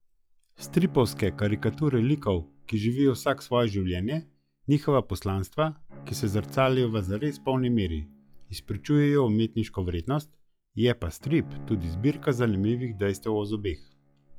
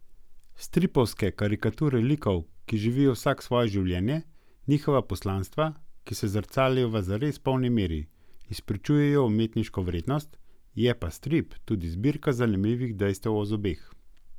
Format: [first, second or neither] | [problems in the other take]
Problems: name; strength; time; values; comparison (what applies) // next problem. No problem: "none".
second | noise reduction (classical method log-MMSE)